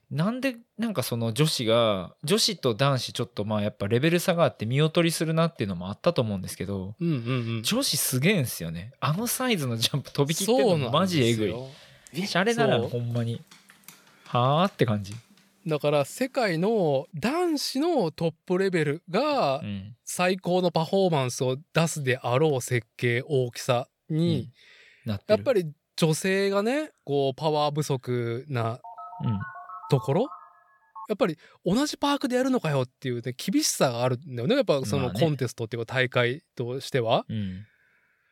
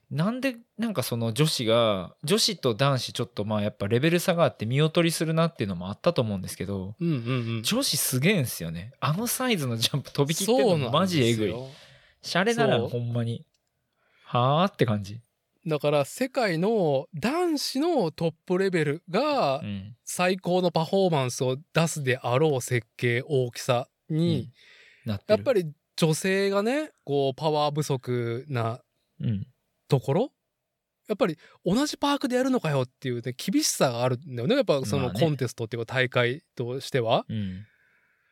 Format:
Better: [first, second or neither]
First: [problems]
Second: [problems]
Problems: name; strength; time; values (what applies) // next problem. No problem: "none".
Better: second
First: dog barking; noticeable; from 12 to 15 s; peak 8 dB below the speech // phone ringing; faint; from 29 to 31 s; peak 15 dB below the speech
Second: none